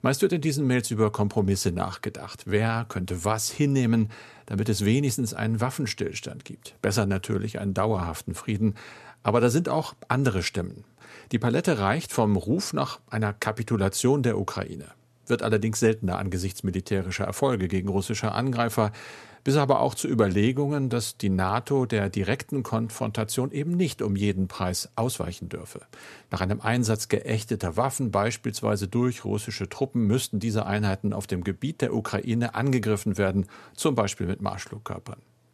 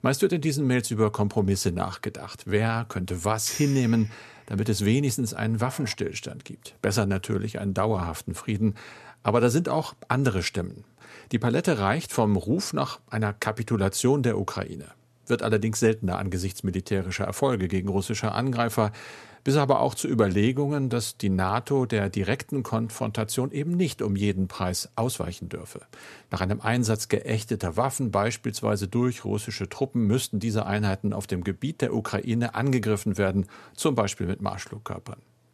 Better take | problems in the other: first | clattering dishes; noticeable; from 3.5 to 6 s; peak 6 dB below the speech

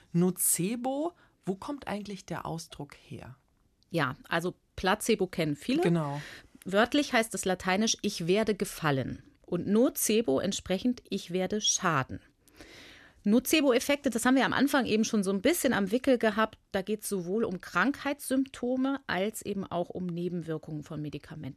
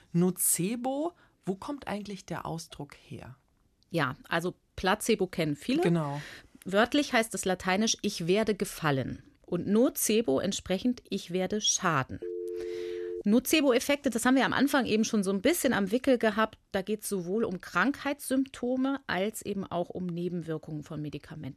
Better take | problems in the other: first | phone ringing; noticeable; from 12 to 13 s; peak 7 dB below the speech

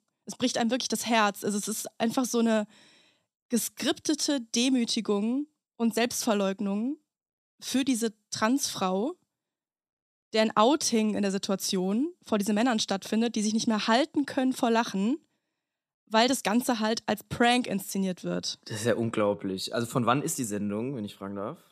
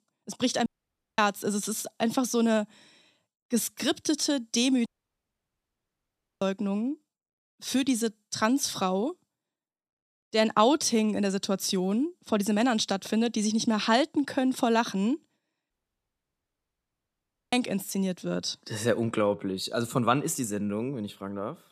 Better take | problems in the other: first | audio cutting out; at 0.5 s for 0.5 s, at 5 s for 1.5 s and at 16 s for 2 s

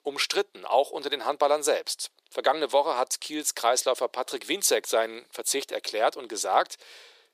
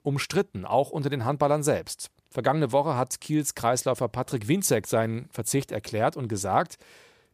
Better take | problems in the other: second | thin; very; fading below 400 Hz

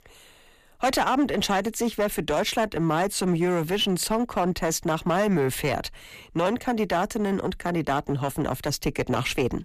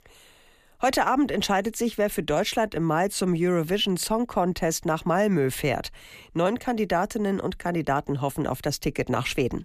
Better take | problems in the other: second | distortion; slight; 8% of the sound clipped

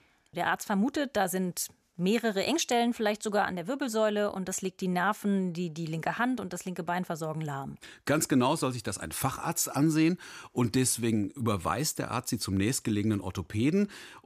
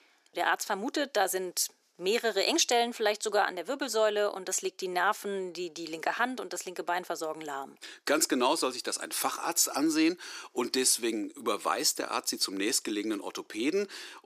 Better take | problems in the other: first | thin; somewhat; fading below 350 Hz

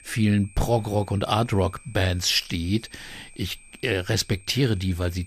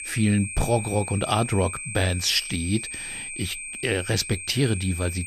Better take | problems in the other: first | high-pitched whine; loud; throughout; 8.5 kHz, 7 dB below the speech; faint in the first

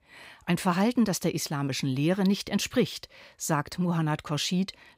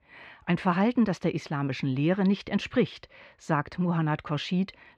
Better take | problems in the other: first | muffled; slightly; fading above 2.5 kHz

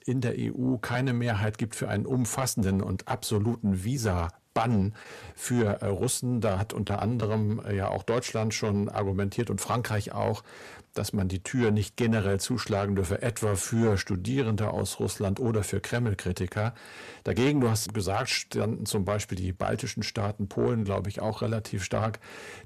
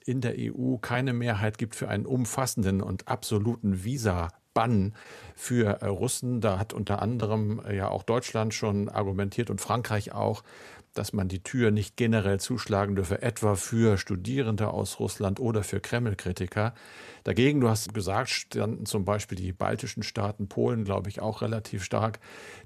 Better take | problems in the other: second | distortion; slight; 10 dB below the speech

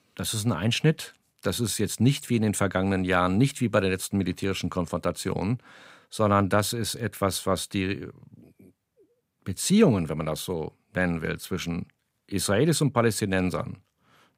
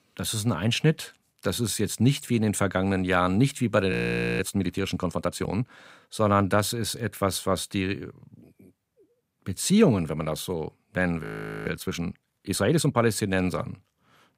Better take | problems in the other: first | audio freezing; at 4 s and at 11 s

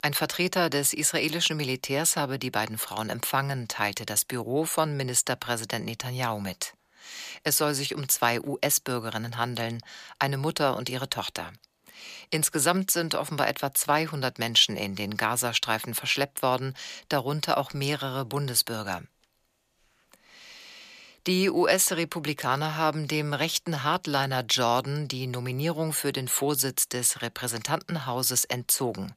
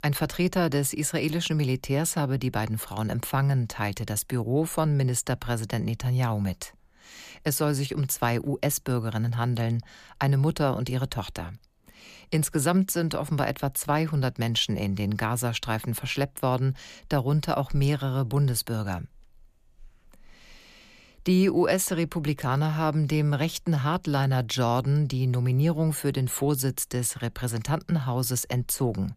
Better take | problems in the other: second | thin; somewhat; fading below 550 Hz

